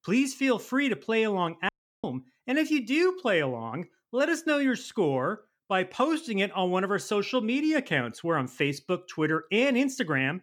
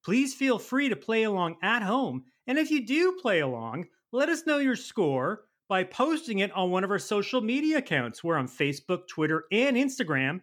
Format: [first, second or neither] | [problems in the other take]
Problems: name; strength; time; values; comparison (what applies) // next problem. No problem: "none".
second | audio cutting out; at 1.5 s